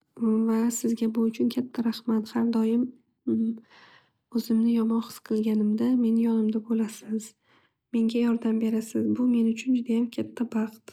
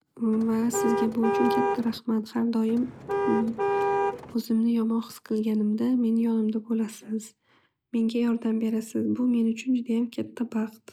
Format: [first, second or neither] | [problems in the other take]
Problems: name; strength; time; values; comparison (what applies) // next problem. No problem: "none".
first | background sound (Car); 1 dB below the speech